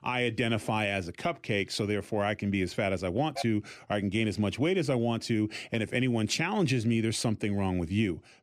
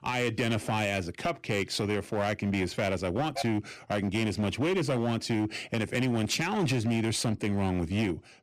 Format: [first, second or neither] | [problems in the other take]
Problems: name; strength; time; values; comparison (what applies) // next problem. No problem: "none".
first | distortion; slight; 13% of the sound clipped